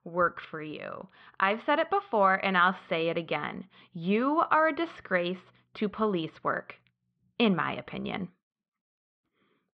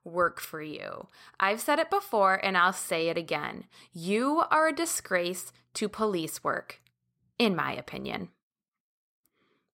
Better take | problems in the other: second | muffled; very; fading above 3.5 kHz

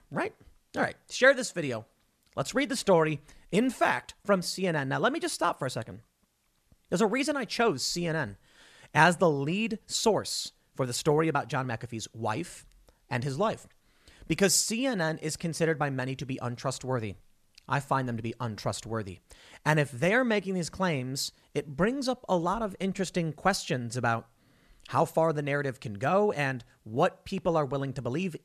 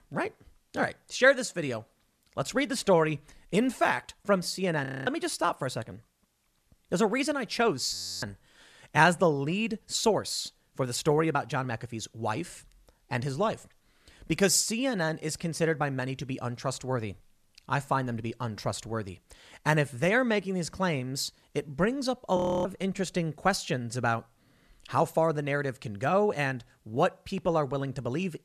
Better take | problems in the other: first | audio freezing; at 5 s, at 8 s and at 22 s

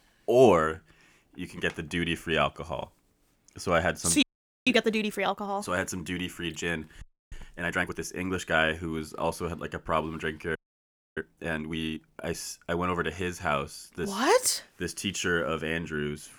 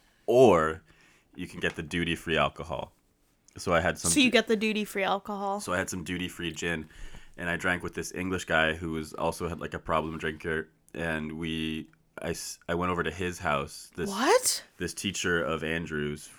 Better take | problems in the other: second | audio freezing; at 4 s, at 7 s and at 11 s for 0.5 s

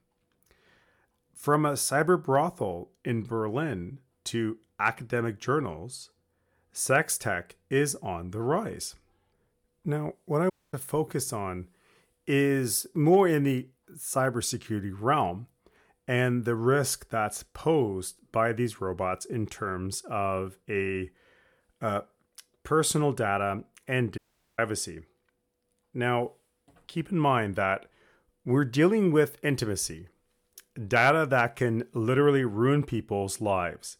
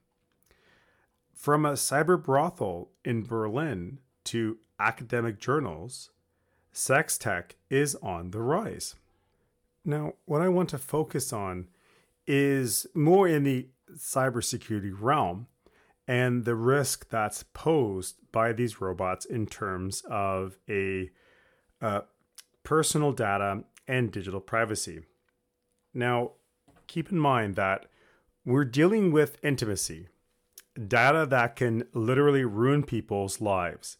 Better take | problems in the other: second | audio cutting out; at 11 s and at 24 s

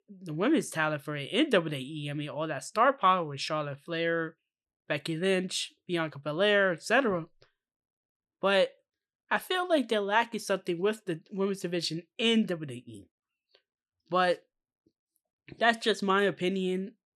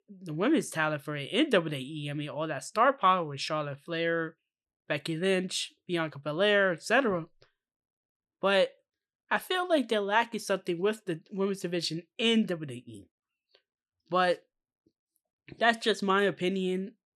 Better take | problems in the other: neither | none

